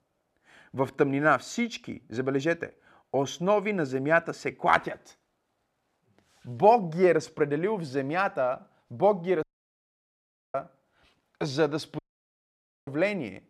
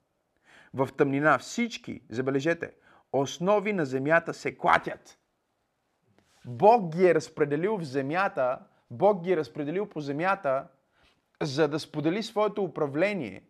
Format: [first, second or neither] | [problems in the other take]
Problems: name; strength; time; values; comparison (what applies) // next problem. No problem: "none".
second | audio cutting out; at 9.5 s for 1 s and at 12 s for 1 s